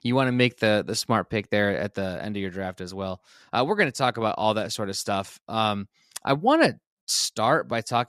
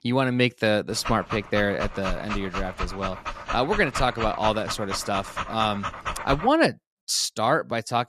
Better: first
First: none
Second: dog barking; noticeable; from 1 to 6.5 s; peak 5 dB below the speech

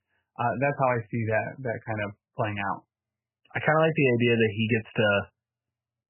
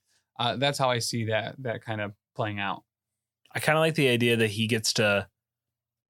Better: second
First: garbled, watery; badly; nothing above 3 kHz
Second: none

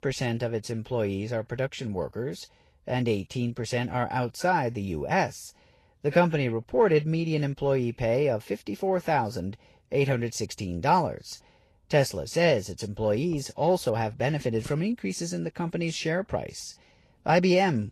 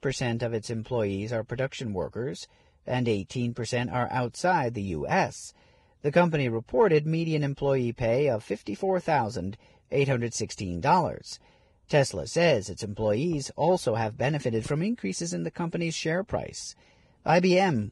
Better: first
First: garbled, watery; slightly; nothing above 13 kHz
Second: garbled, watery; badly; nothing above 10.5 kHz

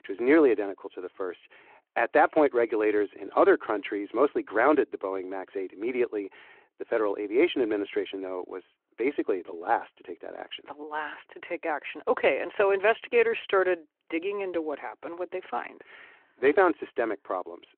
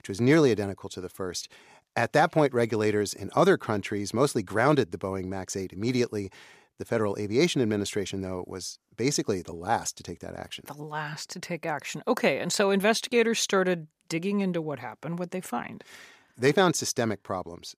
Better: second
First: phone-call audio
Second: none

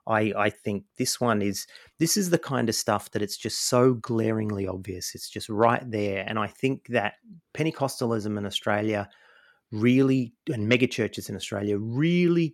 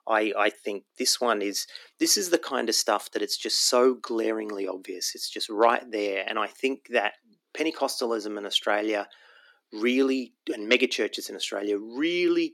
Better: first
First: none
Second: thin; somewhat; fading below 300 Hz

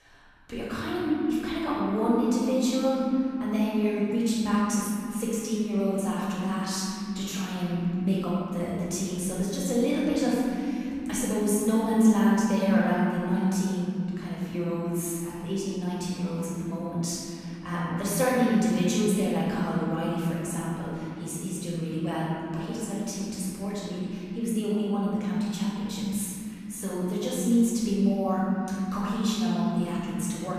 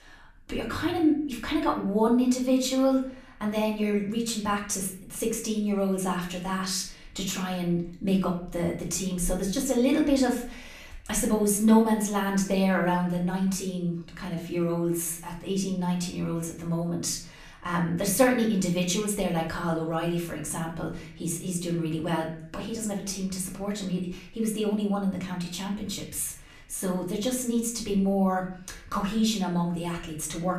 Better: second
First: room echo; strong; dies away in 3 s // off-mic speech; far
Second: room echo; slight; dies away in 0.6 s // off-mic speech; far

